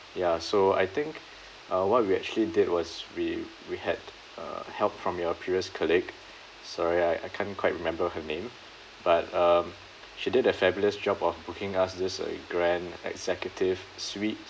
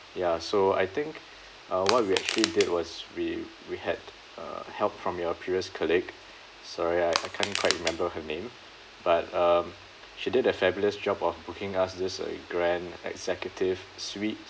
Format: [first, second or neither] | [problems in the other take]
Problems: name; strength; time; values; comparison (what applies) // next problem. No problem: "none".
first | background sound (Crushing); 4 dB below the speech